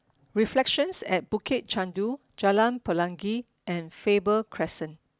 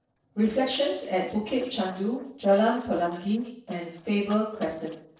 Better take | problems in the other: first | noise reduction (neural separator model SepFormer DNS4)

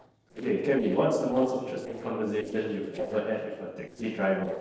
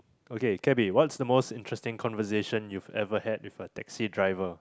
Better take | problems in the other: second | noise reduction (neural separator model SepFormer DNS4)

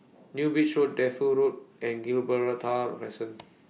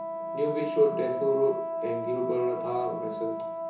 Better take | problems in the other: first | background sound (Wind instrument, woodwind instrument); 4 dB below the speech // room echo; dies away in 0.7 s

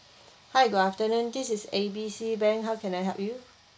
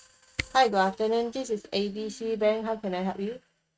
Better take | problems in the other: first | noise reduction (neural mask model RNNoise)

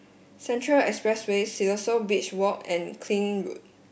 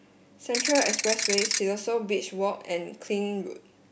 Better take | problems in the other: first | background sound (Ratchet, pawl / Percussion); 1 dB above the speech

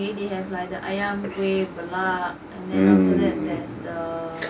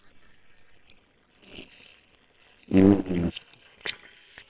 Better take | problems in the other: first | noise reduction (neural separator model SepFormer WHAM!)

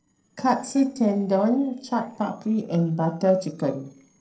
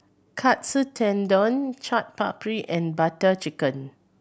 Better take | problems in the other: second | noise reduction (neural separator model SepFormer DNS4)

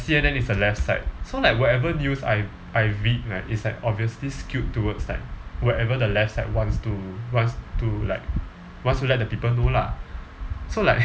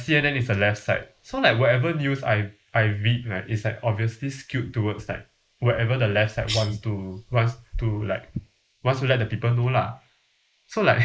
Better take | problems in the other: first | noise reduction (neural mask model Resemble Enhance denoiser)

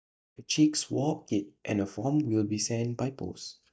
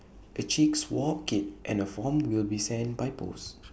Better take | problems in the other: second | noise reduction (neural mask model DeepFilterNet 3)

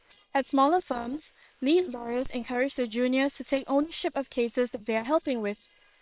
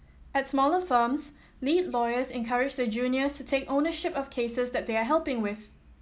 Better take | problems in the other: second | noise reduction (neural separator model SepFormer WHAM!)

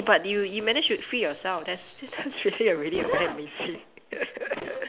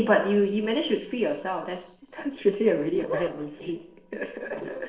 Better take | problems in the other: first | noise reduction (neural separator model SepFormer DNS4)

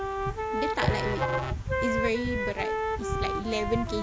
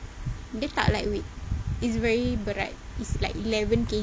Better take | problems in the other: second | background sound (Musical instrument + Wind instrument, woodwind instrument); as loud as the speech

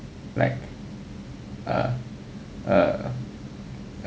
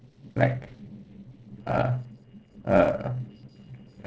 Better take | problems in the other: first | noise reduction (neural separator model SepFormer DNS4)

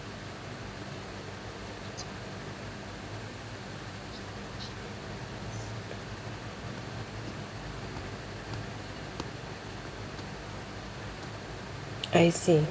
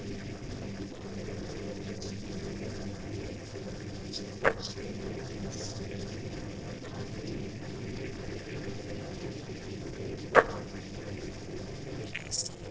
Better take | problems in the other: first | noise reduction (neural separator model SepFormer DNS4)

